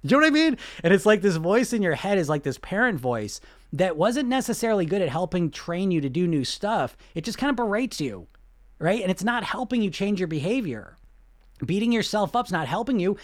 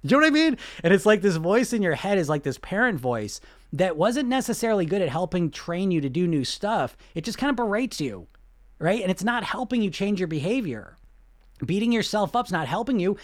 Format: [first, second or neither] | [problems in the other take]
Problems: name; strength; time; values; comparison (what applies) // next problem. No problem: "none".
neither | none